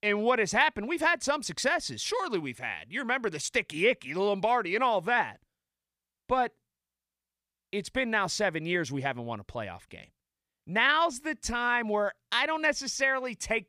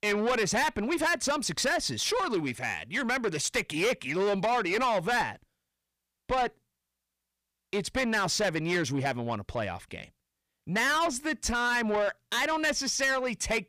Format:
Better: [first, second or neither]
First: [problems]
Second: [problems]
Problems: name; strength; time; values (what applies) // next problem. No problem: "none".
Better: first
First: none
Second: distortion; heavy; 7 dB below the speech